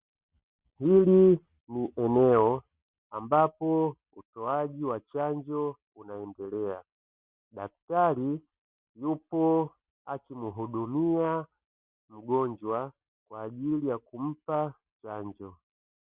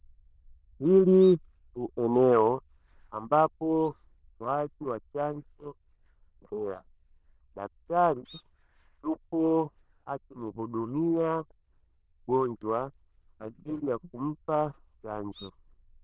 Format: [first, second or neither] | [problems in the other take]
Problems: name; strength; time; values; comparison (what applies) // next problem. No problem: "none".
first | noise reduction (neural diffusion model UNIVERSE++)